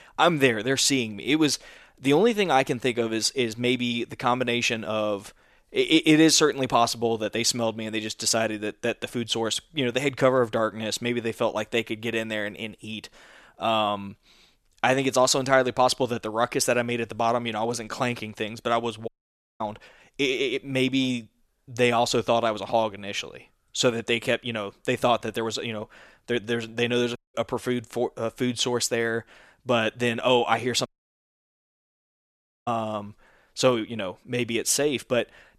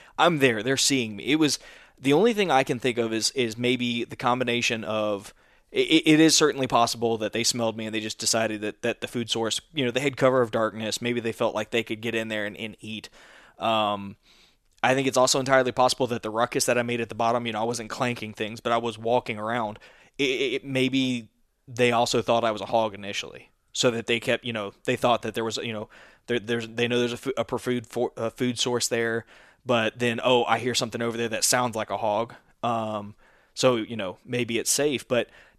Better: second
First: audio cutting out; at 19 s for 0.5 s, at 27 s and at 31 s for 2 s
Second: none

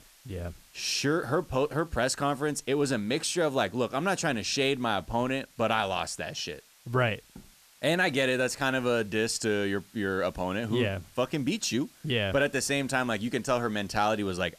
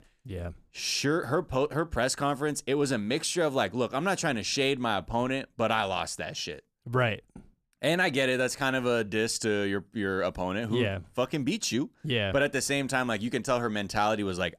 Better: second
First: hiss; faint; throughout; 25 dB below the speech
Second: none

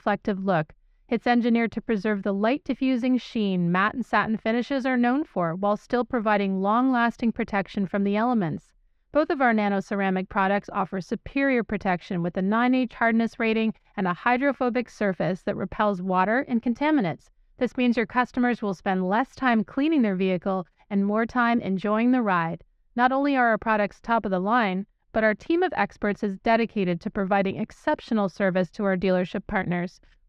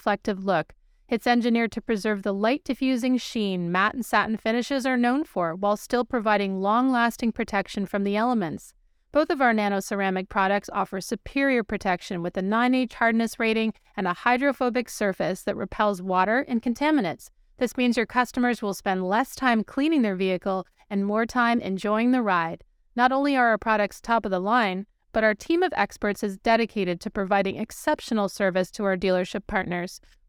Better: second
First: muffled; very slightly; fading above 3.5 kHz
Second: none

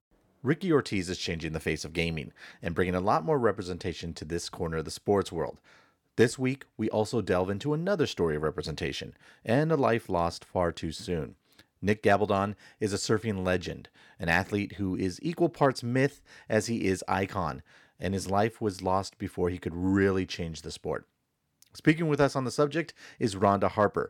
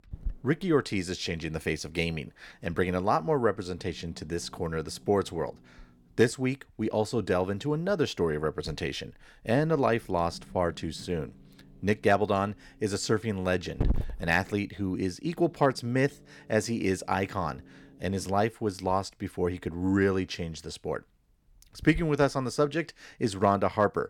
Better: first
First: none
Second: hiss; noticeable; throughout; 15 dB below the speech

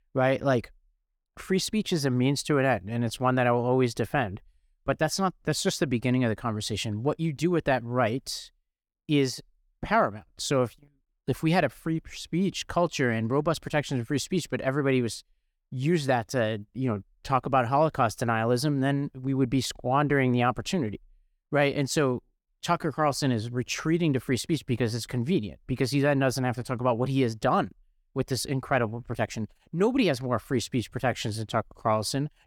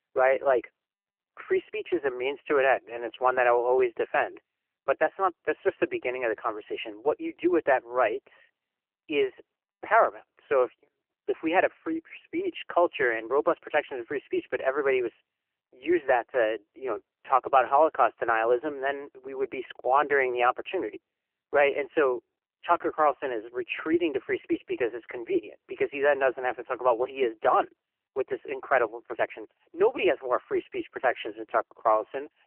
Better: first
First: none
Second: phone-call audio; poor line; nothing above 3 kHz

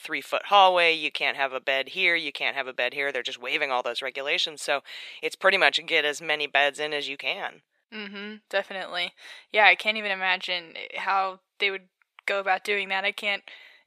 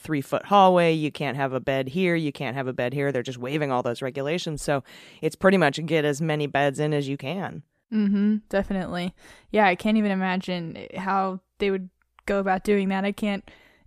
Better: second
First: thin; very; fading below 600 Hz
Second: none

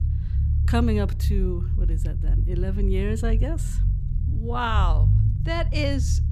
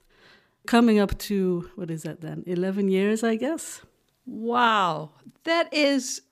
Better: second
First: low rumble; noticeable; throughout; 10 dB below the speech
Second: none

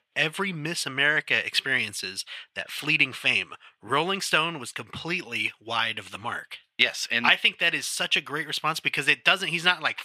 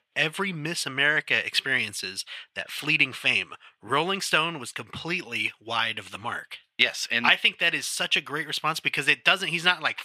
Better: neither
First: thin; somewhat; fading below 700 Hz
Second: thin; somewhat; fading below 700 Hz

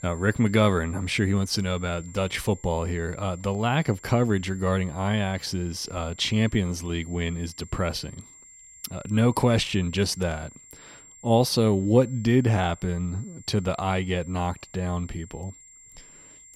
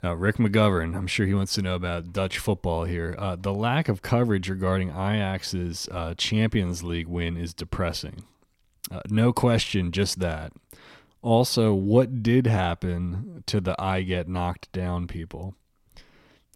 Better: second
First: high-pitched whine; faint; throughout; 7.5 kHz, 20 dB below the speech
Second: none

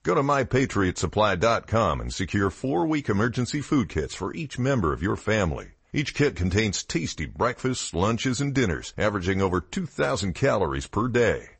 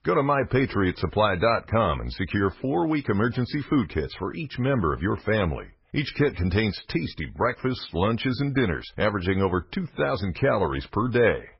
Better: first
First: garbled, watery; slightly; nothing above 8 kHz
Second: garbled, watery; badly; nothing above 5.5 kHz

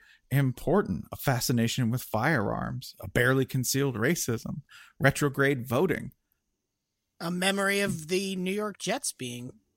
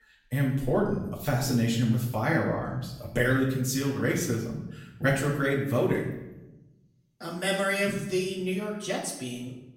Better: first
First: none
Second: off-mic speech; far // room echo; noticeable; dies away in 0.8 s

